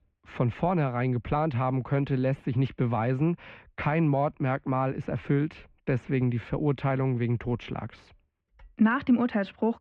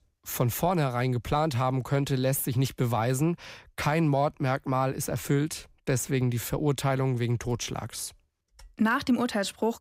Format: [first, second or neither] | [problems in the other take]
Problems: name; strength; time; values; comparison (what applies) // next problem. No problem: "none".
second | muffled; very; fading above 2.5 kHz